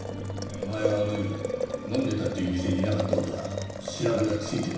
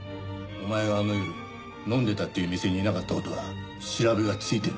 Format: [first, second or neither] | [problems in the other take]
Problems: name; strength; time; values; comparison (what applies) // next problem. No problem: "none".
second | background sound (Boiling); 5 dB below the speech // room echo; dies away in 0.9 s